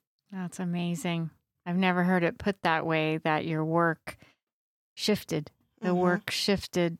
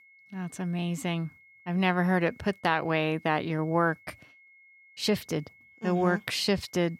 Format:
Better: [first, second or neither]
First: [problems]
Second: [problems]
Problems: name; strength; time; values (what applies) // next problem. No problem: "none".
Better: first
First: none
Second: high-pitched whine; faint; throughout; 2 kHz, 25 dB below the speech